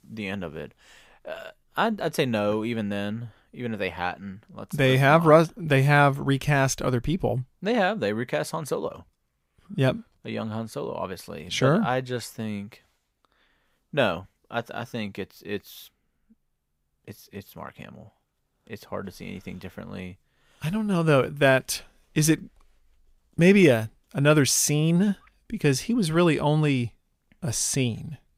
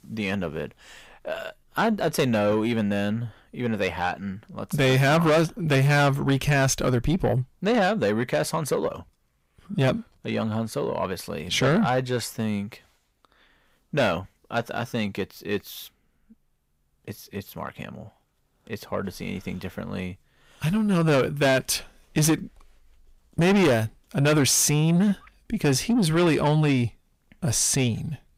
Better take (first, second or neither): first